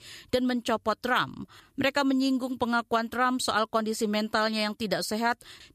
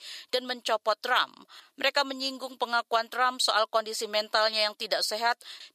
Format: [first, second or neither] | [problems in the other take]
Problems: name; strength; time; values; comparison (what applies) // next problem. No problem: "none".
first | thin; very; fading below 650 Hz